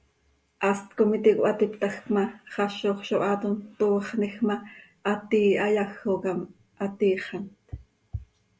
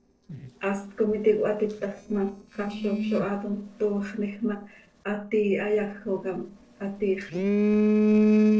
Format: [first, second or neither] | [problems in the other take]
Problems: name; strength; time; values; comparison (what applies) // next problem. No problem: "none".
first | noise reduction (neural separator model SepFormer DNS4)